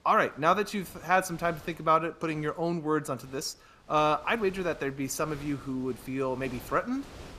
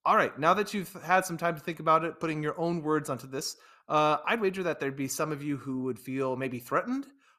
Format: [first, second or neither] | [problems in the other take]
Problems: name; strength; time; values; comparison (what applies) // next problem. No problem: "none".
second | wind noise on the microphone; occasional gusts; 25 dB below the speech